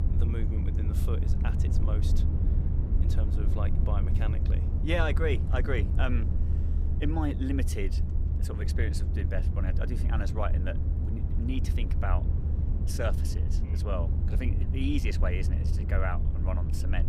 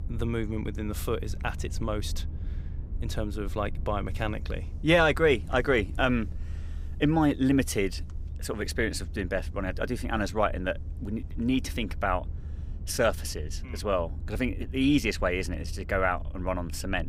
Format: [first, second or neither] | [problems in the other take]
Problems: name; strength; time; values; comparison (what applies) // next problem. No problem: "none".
second | low rumble; loud; throughout; 7 dB below the speech; faint in the second